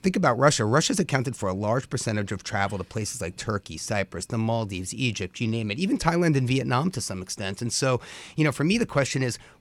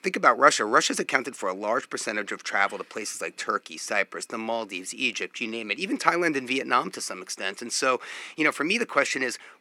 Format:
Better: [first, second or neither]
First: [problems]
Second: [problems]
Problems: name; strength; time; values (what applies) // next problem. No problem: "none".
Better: first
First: none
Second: thin; somewhat; fading below 250 Hz